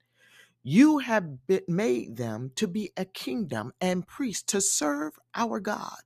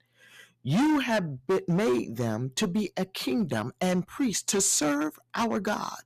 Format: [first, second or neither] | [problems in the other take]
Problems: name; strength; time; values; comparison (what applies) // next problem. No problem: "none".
first | distortion; heavy; 11% of the sound clipped